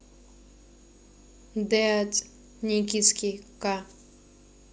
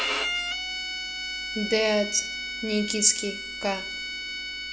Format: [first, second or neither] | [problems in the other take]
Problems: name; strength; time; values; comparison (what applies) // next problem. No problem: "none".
first | background sound (Bowed string instrument); 3 dB below the speech // room echo; dies away in 0.4 s